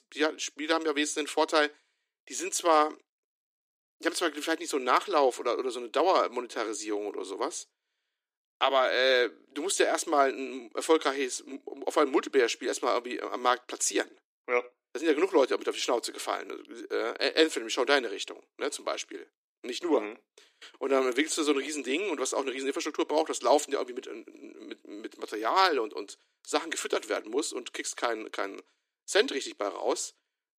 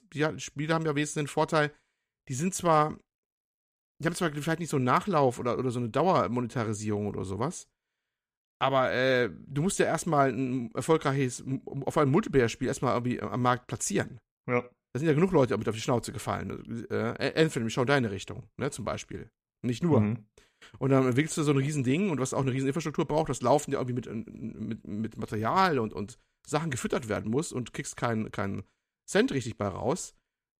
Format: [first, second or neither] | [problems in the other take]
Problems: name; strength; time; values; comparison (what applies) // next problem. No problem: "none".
second | thin; somewhat; fading below 300 Hz